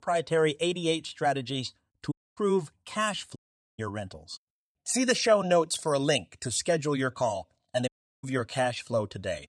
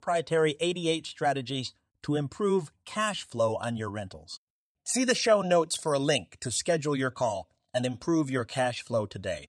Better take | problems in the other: second | audio cutting out; at 2 s, at 3.5 s and at 8 s

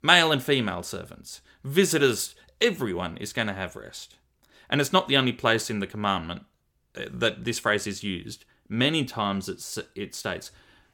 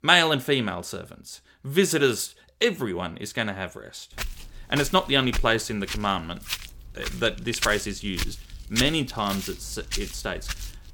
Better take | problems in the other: first | footsteps; noticeable; from 4 s on; peak 3 dB below the speech

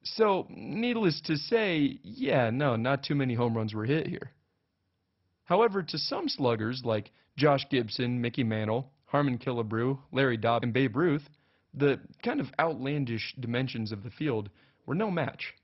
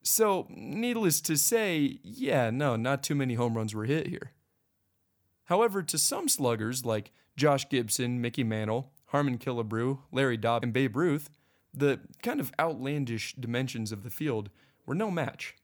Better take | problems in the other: second | garbled, watery; badly; nothing above 5.5 kHz

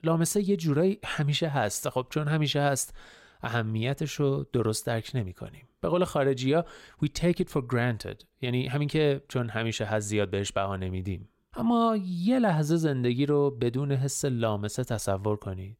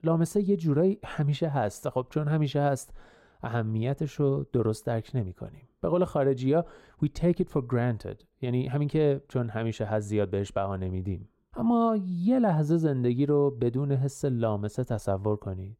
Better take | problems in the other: first | muffled; slightly; fading above 1.5 kHz

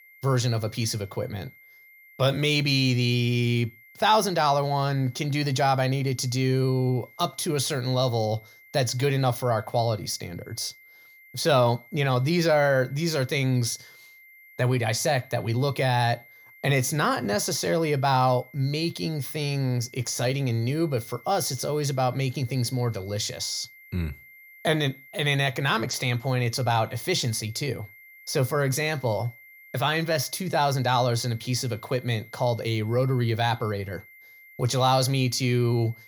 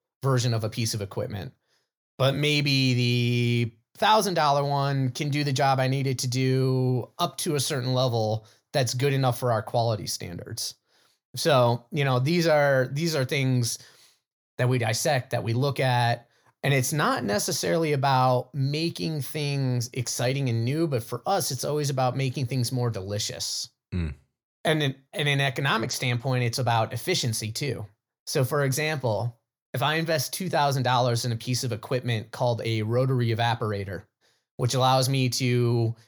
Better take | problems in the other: second | high-pitched whine; faint; throughout; 2 kHz, 25 dB below the speech

